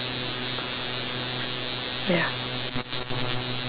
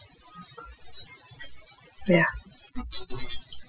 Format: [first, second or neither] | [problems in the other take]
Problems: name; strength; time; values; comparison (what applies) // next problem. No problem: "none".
first | noise reduction (classical method Wiener filter)